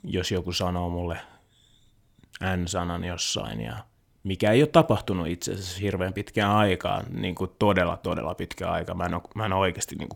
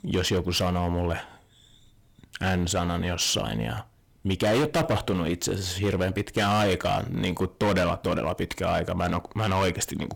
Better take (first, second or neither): first